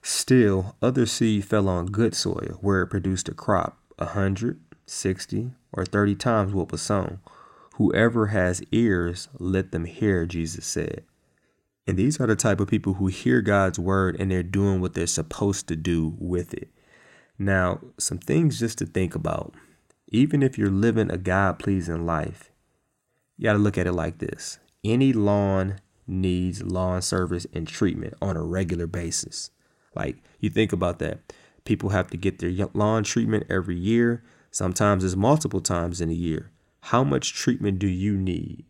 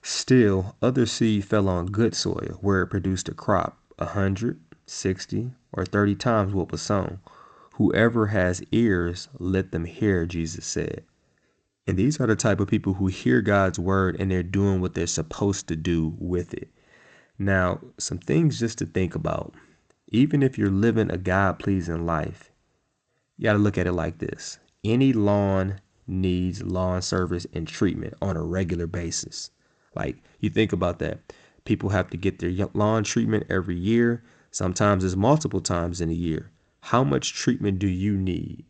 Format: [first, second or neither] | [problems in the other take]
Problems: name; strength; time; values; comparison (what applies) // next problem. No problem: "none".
first | garbled, watery; slightly; nothing above 8 kHz